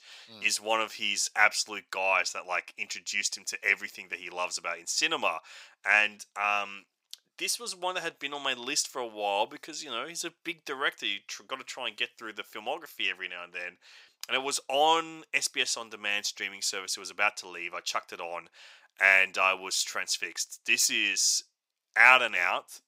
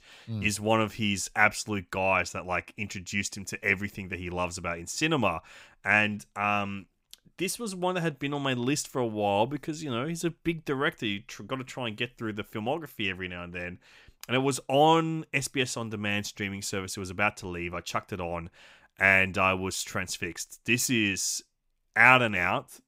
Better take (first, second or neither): second